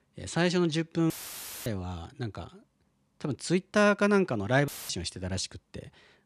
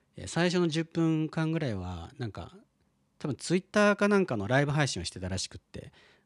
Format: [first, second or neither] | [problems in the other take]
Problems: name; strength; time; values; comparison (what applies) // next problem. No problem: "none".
second | audio cutting out; filled with static; at 1 s for 0.5 s and at 4.5 s